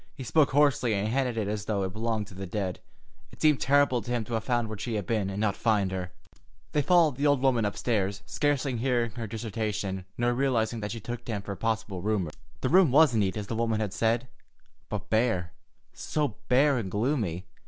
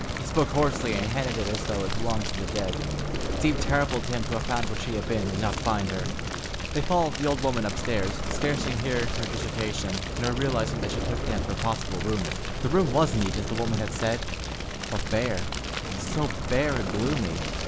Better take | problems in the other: first | background sound (Fire); 3 dB below the speech

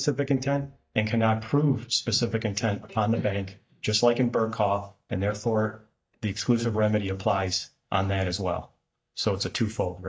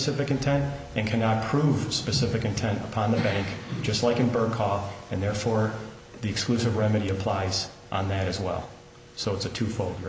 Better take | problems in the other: second | noise reduction (neural mask model DeepFilterNet 3)

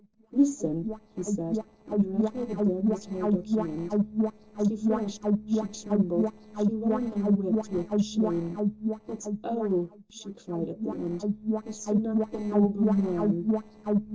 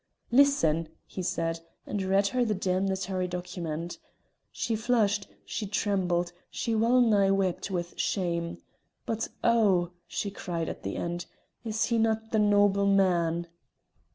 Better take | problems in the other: second | noise reduction (neural separator model SepFormer DNS4)

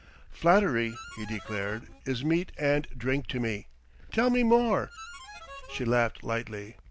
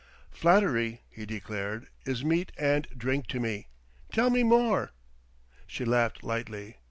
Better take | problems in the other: second | background sound (Glass + Harmonica); 19 dB below the speech

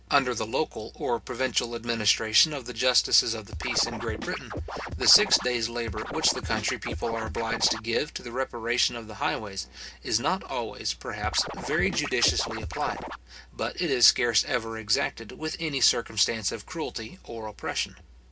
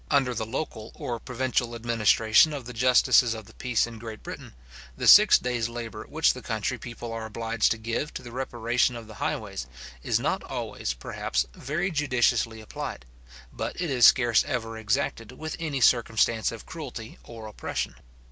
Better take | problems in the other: second | background sound (Scratching (performance technique)); 7 dB below the speech // room echo; dies away in 0.3 s

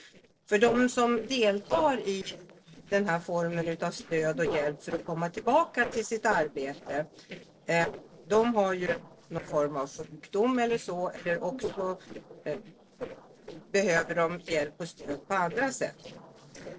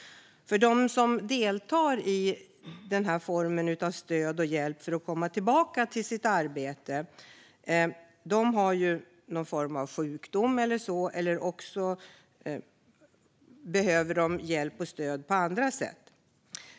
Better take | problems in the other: second | noise reduction (neural separator model SepFormer DNS4)

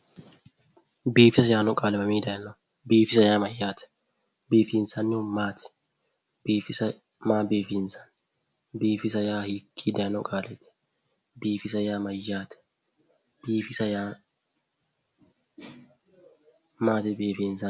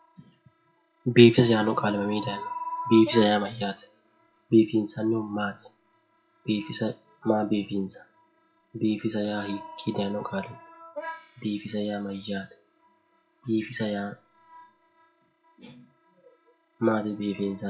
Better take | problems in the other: first | noise reduction (classical method WPE with log-MMSE)

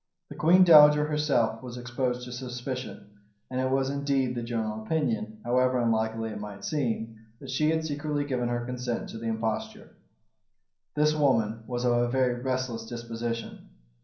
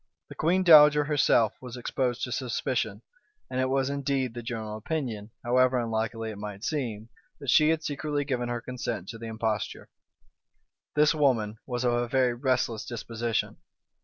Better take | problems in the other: second | room echo; dies away in 0.6 s

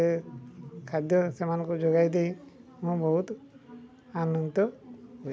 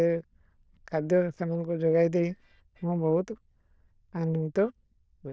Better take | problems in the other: first | noise reduction (neural diffusion model UNIVERSE++)

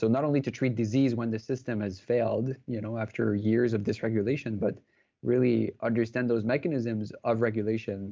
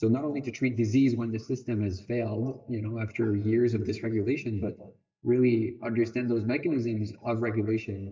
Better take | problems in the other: first | noise reduction (neural mask model DeepFilterNet 3)

